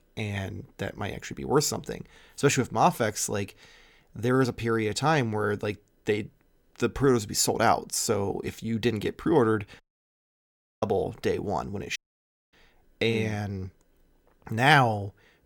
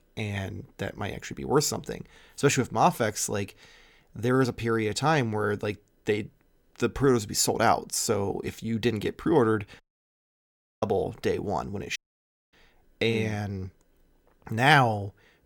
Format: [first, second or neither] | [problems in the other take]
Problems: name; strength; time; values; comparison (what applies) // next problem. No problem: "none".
neither | audio cutting out; at 10 s for 1 s and at 12 s for 0.5 s; the same in both